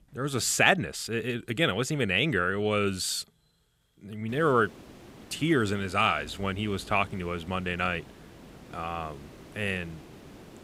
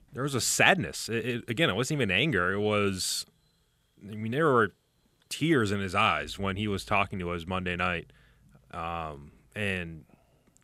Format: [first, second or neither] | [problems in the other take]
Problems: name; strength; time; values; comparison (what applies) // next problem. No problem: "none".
second | hiss; faint; from 4.5 s on; 20 dB below the speech